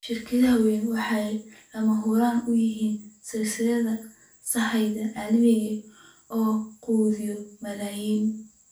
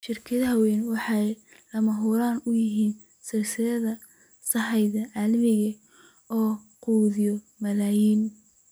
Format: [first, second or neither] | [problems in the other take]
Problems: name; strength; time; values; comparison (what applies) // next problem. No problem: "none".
second | room echo; dies away in 0.4 s